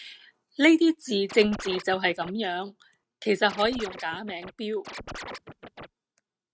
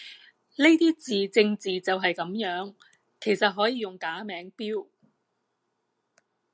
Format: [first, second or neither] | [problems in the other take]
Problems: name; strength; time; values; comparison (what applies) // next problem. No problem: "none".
second | noise reduction (neural mask model RNNoise)